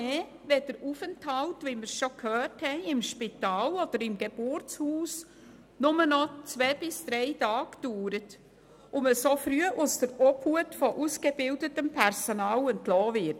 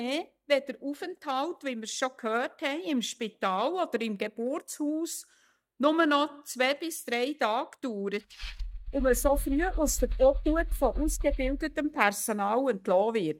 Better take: first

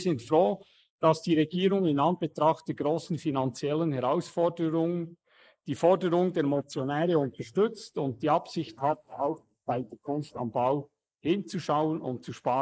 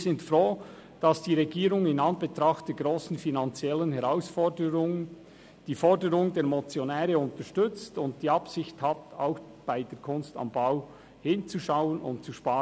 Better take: second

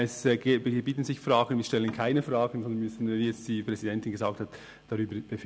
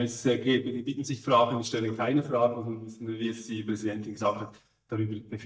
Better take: first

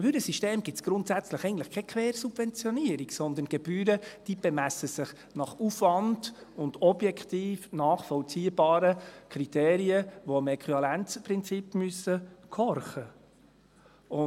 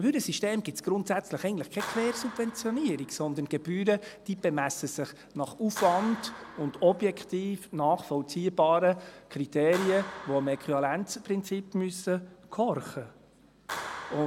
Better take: first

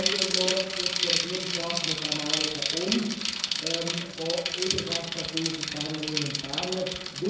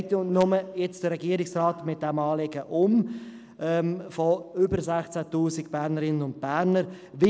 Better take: second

